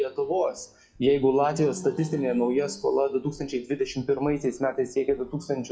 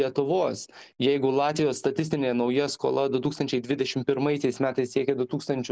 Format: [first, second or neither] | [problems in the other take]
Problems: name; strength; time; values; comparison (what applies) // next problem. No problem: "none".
second | noise reduction (classical method WPE with log-MMSE)